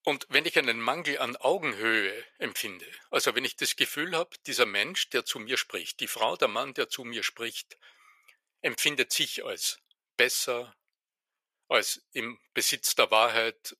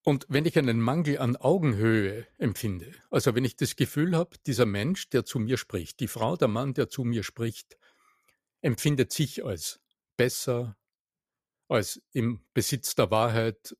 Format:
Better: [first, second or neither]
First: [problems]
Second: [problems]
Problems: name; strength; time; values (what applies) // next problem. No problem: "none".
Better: second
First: thin; very; fading below 600 Hz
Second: none